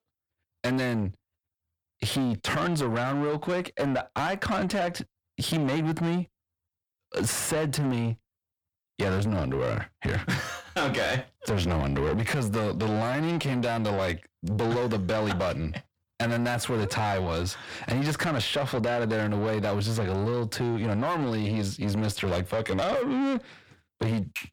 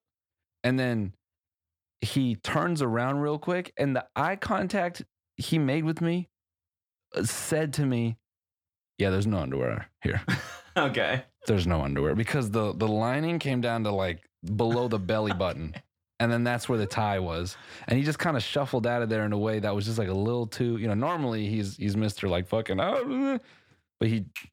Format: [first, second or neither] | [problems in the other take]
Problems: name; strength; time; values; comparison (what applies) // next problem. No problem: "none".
second | distortion; heavy; 7 dB below the speech